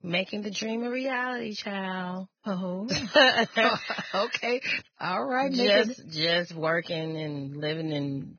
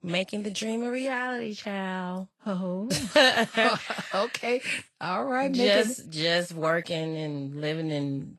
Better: second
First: garbled, watery; badly; nothing above 6.5 kHz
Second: garbled, watery; slightly; nothing above 12 kHz

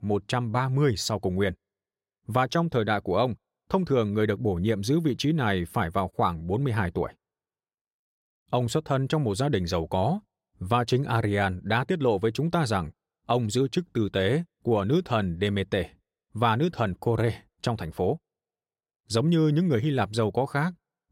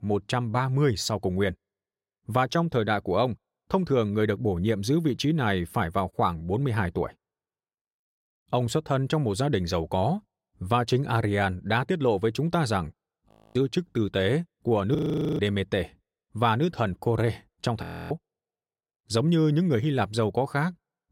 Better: first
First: none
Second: audio freezing; at 13 s, at 15 s and at 18 s

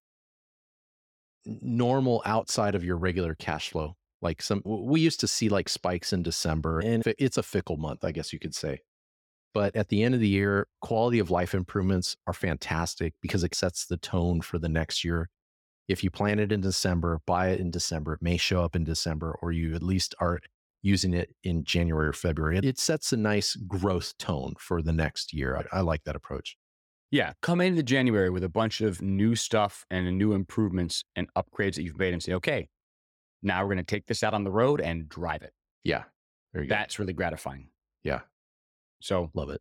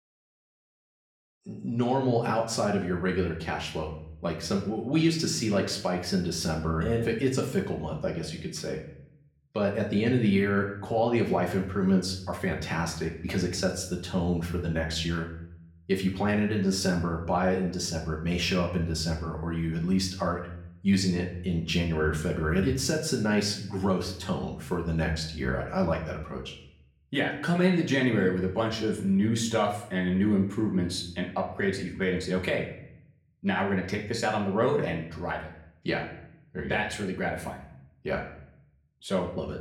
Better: first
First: none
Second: room echo; slight; dies away in 0.6 s // off-mic speech; far

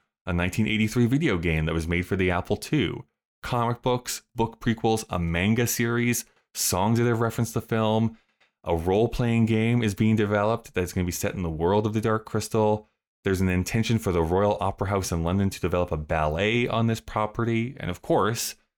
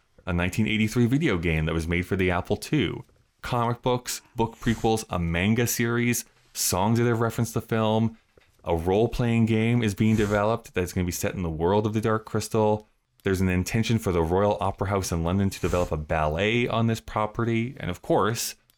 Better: first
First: none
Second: hiss; faint; throughout; 20 dB below the speech

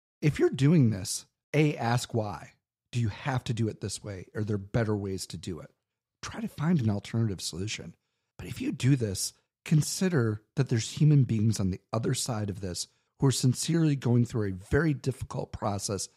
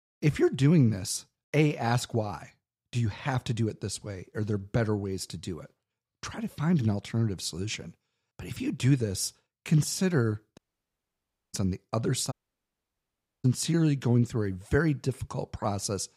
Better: first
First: none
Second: audio cutting out; at 11 s for 1 s and at 12 s for 1 s

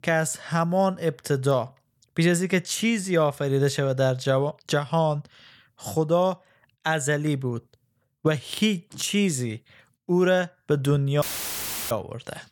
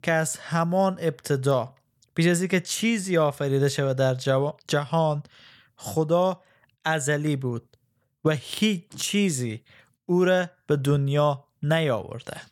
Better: second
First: audio cutting out; filled with static; at 11 s for 0.5 s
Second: none

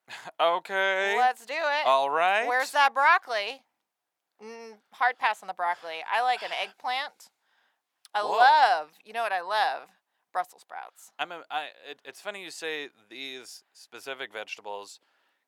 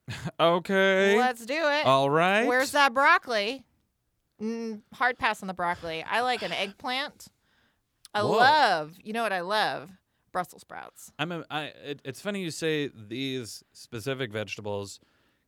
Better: second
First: thin; very; fading below 500 Hz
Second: none

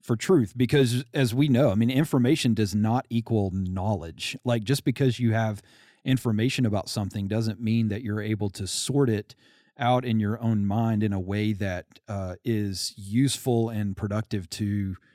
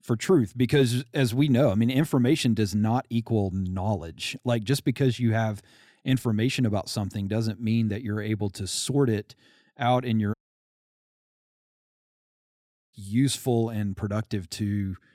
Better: first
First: none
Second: audio cutting out; at 10 s for 2.5 s

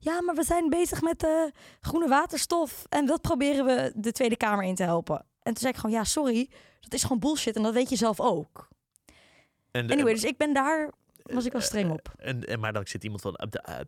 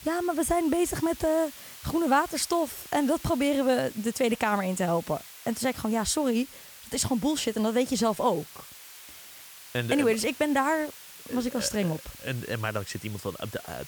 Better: first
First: none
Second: hiss; noticeable; throughout; 15 dB below the speech

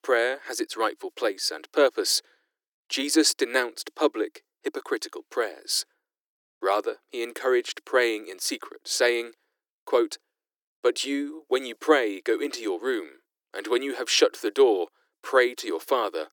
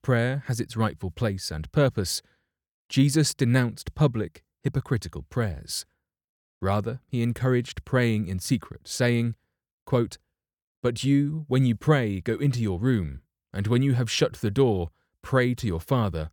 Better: second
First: thin; very; fading below 300 Hz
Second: none

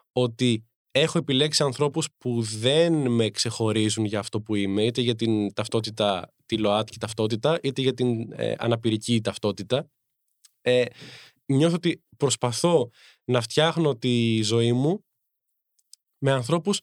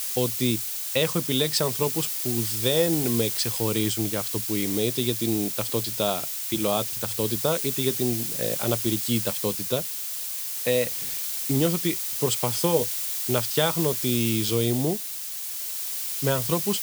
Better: first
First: none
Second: hiss; loud; throughout; as loud as the speech

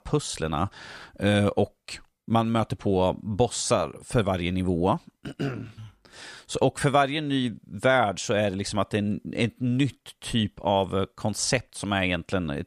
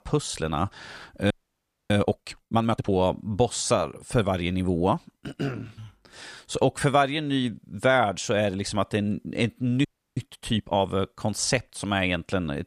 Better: first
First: none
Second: audio freezing; at 1.5 s for 0.5 s and at 10 s

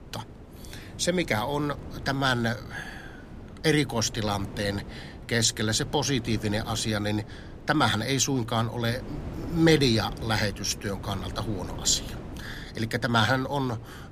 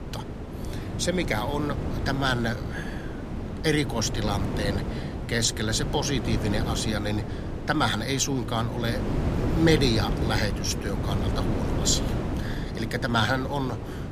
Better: first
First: wind noise on the microphone; occasional gusts; 20 dB below the speech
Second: wind noise on the microphone; heavy; 8 dB below the speech

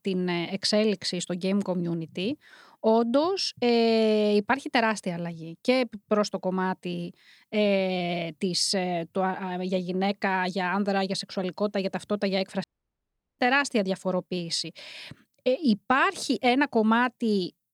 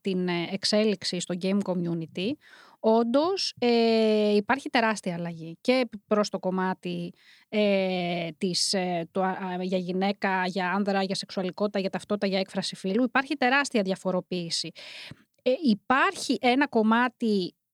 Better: second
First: audio cutting out; at 13 s for 1 s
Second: none

